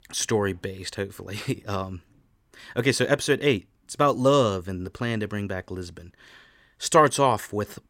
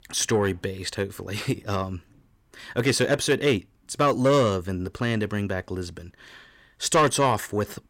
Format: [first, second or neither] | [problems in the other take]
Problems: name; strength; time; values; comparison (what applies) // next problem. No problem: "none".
first | distortion; slight; 10 dB below the speech